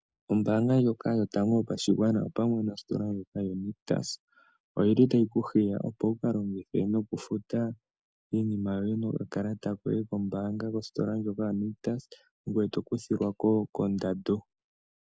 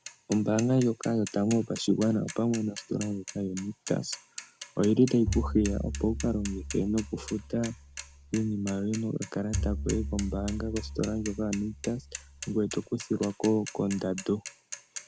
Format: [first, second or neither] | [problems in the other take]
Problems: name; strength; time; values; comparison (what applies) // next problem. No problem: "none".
first | background sound (Mechanisms / Bicycle + Bowed string instrument); 9 dB below the speech